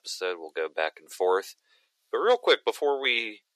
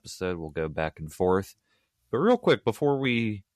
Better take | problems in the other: second | thin; very; fading below 400 Hz

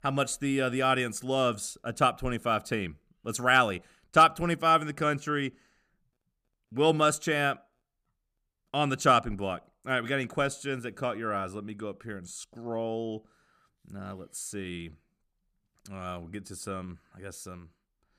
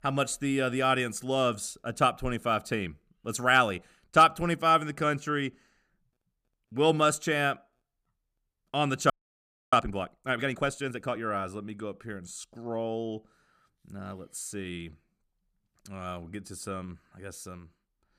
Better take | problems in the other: first | audio freezing; at 9 s for 0.5 s

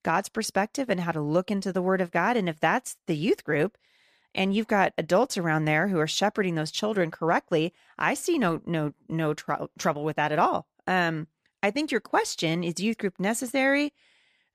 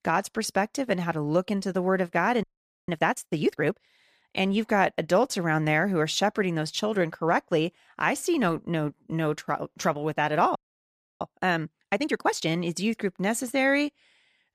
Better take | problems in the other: first | audio freezing; at 2.5 s and at 11 s for 0.5 s

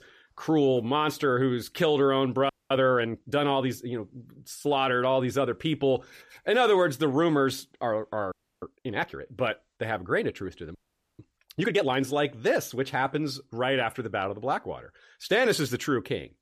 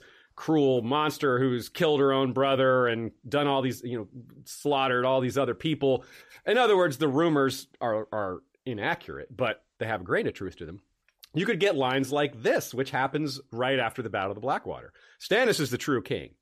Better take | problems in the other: second | audio freezing; at 2.5 s, at 8.5 s and at 11 s

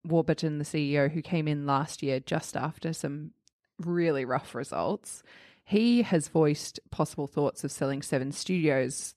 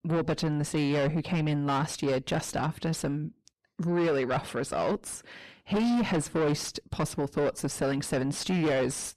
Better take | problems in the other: first | distortion; heavy; 5 dB below the speech

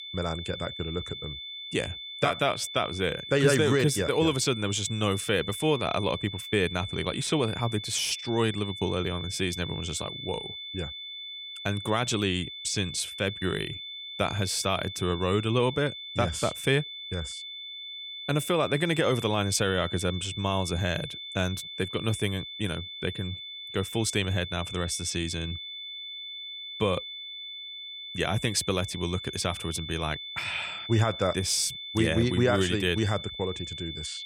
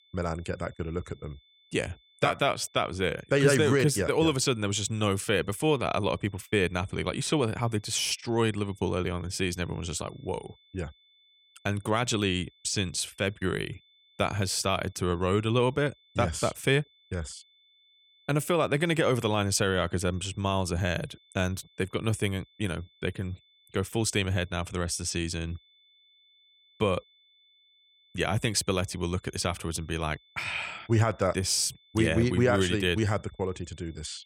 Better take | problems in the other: second | high-pitched whine; loud; throughout; 3.5 kHz, 8 dB below the speech; faint in the second

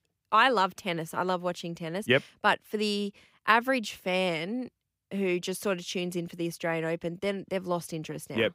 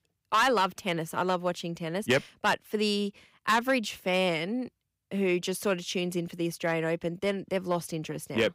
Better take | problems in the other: first | distortion; slight; 1.9% of the sound clipped

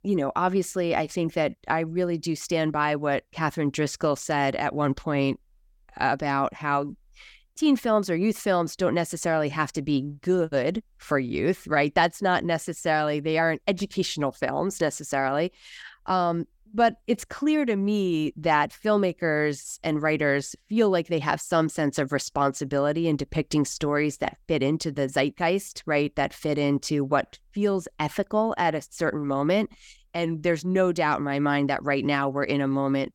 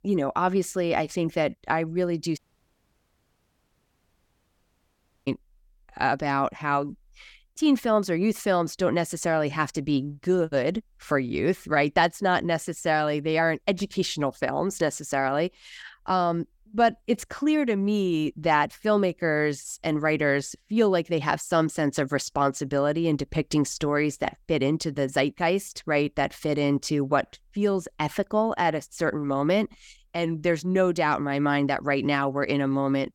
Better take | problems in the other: first | audio cutting out; at 2.5 s for 3 s

